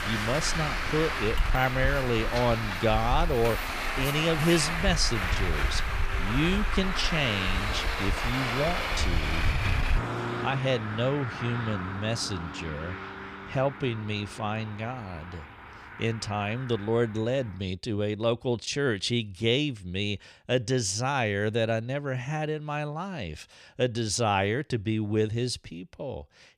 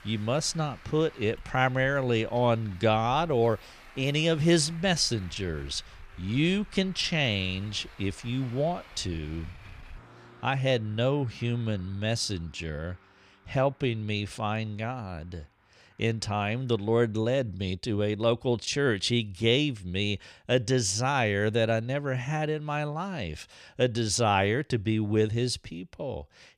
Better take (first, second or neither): second